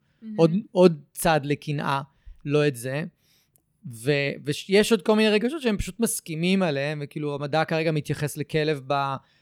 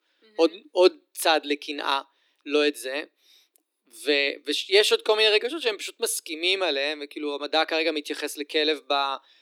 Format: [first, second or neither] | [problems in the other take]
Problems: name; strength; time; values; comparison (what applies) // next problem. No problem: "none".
first | thin; somewhat; fading below 300 Hz